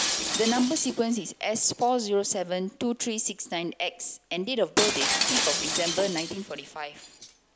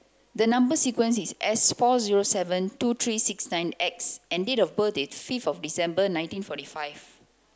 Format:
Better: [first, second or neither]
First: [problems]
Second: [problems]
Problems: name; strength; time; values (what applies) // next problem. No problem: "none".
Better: second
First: background sound (Shatter); 3 dB below the speech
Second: none